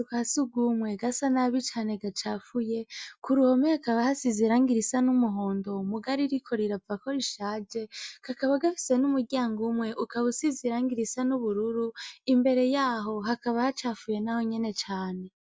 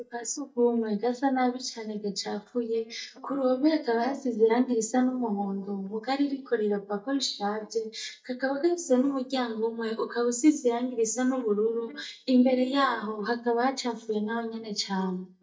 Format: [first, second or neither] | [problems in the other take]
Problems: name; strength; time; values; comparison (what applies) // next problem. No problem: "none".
first | noise reduction (neural mask model DeepFilterNet 3)